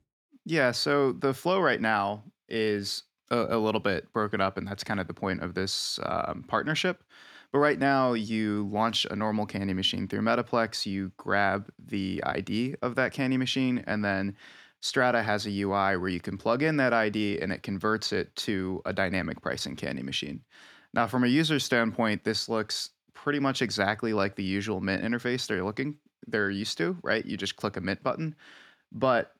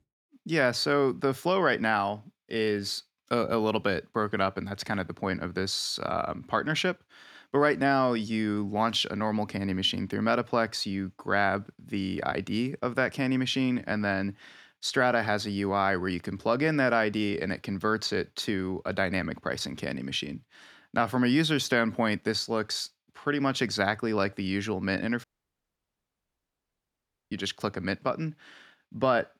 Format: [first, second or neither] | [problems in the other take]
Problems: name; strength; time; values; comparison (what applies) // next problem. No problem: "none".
first | audio cutting out; at 25 s for 2 s